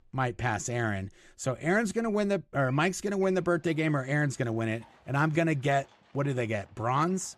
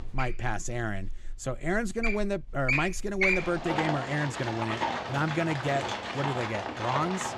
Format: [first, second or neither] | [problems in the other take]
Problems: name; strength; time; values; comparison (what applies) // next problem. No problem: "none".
first | animal sounds; loud; throughout; as loud as the speech; faint in the first